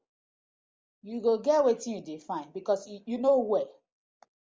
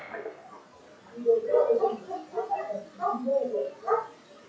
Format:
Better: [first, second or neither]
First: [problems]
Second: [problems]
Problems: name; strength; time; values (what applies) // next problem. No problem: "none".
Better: first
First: none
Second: noise reduction (classical method WPE with log-MMSE)